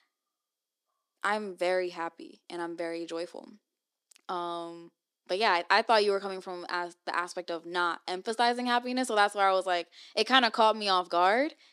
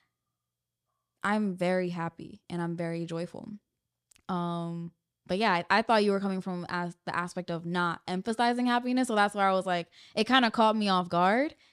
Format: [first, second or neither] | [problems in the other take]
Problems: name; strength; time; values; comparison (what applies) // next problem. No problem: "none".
second | thin; somewhat; fading below 300 Hz